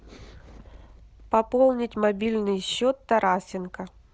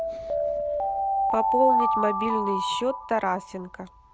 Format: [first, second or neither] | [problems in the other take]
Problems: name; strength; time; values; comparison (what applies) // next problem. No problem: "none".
first | background sound (Alarm); 3 dB above the speech